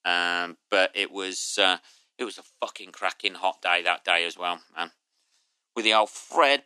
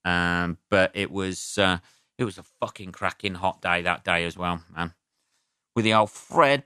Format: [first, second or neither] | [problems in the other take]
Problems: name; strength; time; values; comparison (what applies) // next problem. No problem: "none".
second | thin; somewhat; fading below 300 Hz